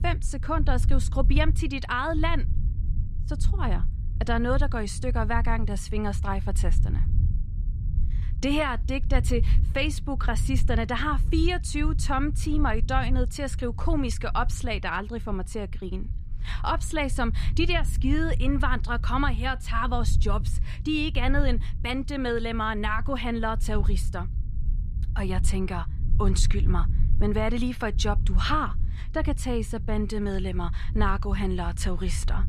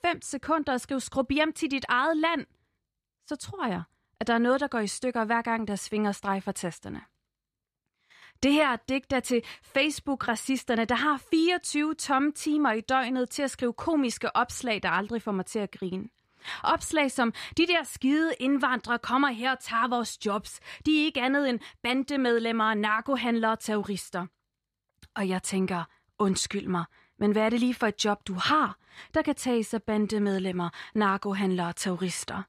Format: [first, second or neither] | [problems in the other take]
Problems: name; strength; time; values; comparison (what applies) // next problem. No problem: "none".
second | low rumble; noticeable; throughout; 15 dB below the speech